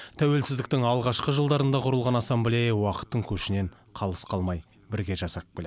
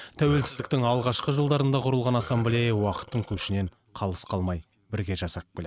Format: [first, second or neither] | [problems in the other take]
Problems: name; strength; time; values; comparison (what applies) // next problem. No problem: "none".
first | noise reduction (neural mask model RNNoise)